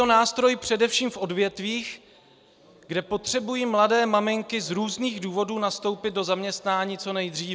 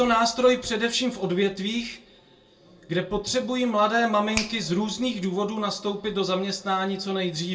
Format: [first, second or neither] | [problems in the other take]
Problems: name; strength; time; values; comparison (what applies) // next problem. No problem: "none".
first | background sound (Finger snapping); 19 dB below the speech // room echo; dies away in 0.2 s